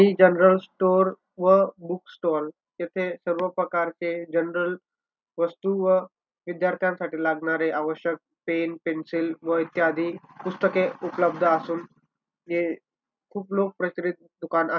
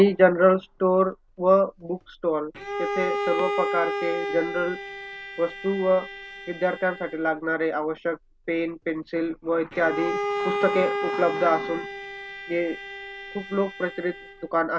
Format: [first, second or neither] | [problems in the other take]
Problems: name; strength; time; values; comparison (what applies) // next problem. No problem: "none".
first | background sound (Bowed string instrument); 7 dB below the speech